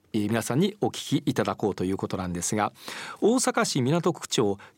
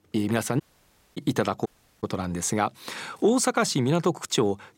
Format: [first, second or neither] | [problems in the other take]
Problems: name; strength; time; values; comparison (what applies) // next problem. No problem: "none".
first | audio cutting out; at 0.5 s for 0.5 s and at 1.5 s